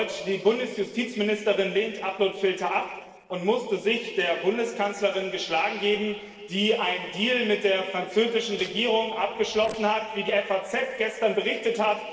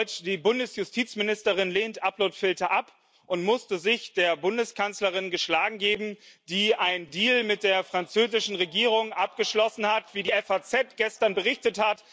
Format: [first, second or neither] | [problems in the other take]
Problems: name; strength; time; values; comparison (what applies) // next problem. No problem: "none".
second | noise reduction (neural separator model SepFormer DNS4)